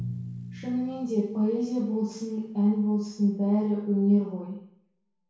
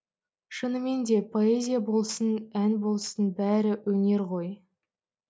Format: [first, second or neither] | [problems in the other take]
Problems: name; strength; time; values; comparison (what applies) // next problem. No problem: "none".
second | background sound (Drum); 16 dB below the speech // room echo; dies away in 0.6 s